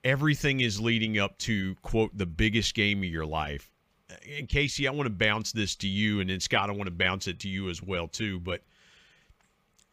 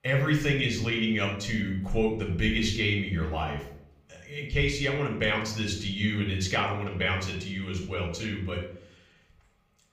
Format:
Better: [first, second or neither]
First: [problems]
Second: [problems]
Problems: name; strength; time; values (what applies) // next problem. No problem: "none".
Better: first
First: none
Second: off-mic speech; somewhat distant // room echo; noticeable; dies away in 0.6 s